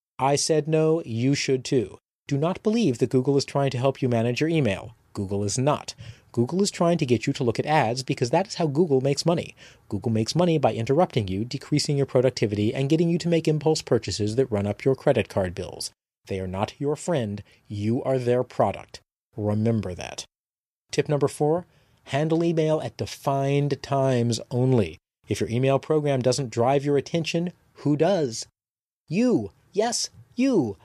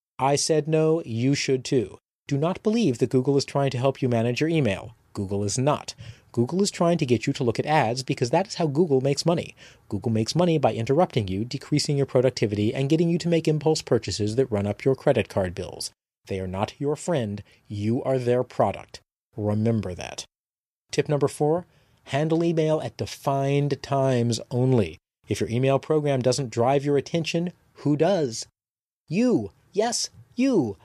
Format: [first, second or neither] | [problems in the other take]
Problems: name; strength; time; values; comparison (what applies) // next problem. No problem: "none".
neither | none